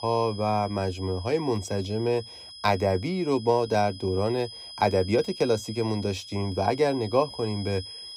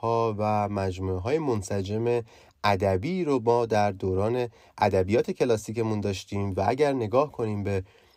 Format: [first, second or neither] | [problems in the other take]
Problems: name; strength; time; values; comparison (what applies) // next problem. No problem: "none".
second | high-pitched whine; noticeable; throughout; 5 kHz, 15 dB below the speech